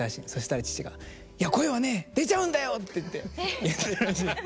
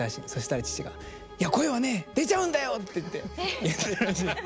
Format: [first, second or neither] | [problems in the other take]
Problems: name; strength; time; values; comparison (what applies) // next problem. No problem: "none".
first | background sound (Bowed string instrument); 18 dB below the speech